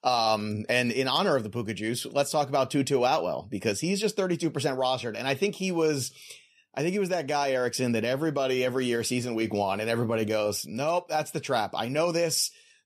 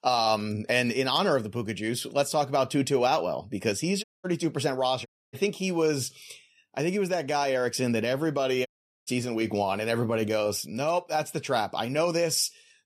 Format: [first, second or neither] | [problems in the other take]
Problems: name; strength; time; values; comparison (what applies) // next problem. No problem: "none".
first | audio cutting out; at 4 s, at 5 s and at 8.5 s